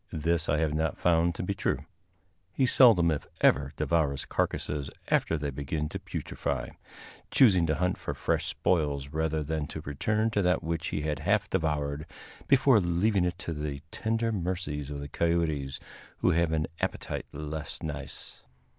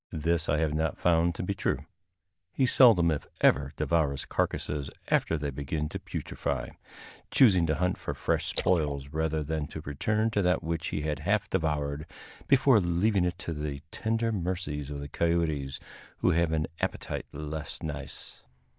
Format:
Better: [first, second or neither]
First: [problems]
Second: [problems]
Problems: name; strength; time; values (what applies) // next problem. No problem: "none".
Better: first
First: none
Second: noise reduction (neural mask model DeepFilterNet 3)